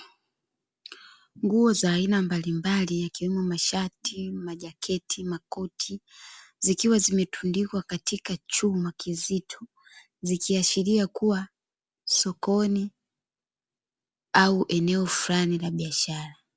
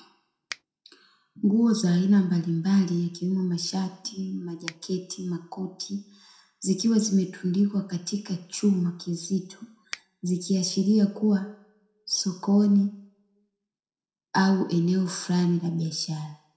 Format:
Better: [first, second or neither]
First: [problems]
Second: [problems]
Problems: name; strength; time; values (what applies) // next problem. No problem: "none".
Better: first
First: none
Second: background sound (Finger snapping); 14 dB below the speech // room echo; dies away in 0.6 s